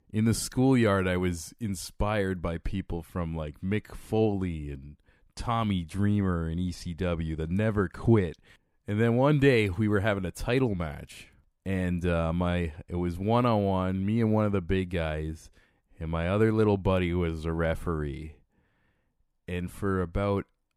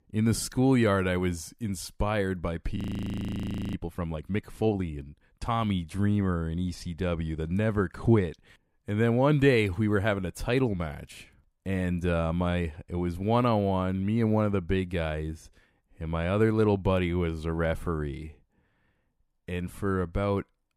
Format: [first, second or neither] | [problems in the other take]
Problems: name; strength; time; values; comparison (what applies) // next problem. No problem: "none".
first | audio freezing; at 3 s for 1 s